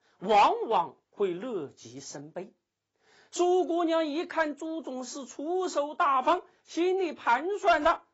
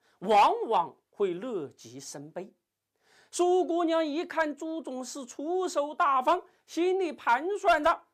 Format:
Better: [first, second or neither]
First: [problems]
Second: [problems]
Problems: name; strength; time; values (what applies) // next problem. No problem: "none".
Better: second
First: garbled, watery; badly; nothing above 7.5 kHz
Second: none